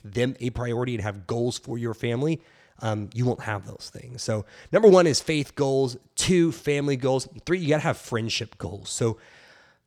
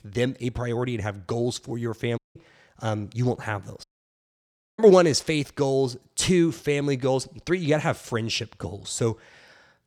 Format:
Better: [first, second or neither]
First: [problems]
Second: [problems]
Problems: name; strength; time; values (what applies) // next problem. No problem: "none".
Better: first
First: none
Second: audio cutting out; at 2 s and at 4 s for 1 s